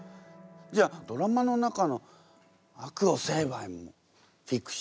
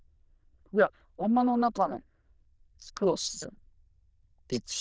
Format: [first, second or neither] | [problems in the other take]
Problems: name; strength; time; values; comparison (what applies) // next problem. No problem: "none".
first | noise reduction (neural diffusion model UNIVERSE++)